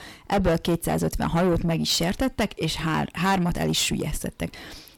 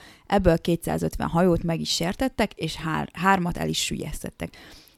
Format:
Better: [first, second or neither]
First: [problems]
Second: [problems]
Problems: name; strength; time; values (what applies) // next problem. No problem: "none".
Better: second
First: distortion; heavy; 7 dB below the speech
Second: none